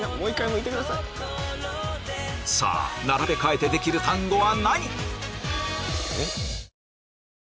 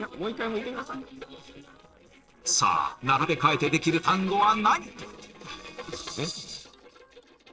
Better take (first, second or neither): first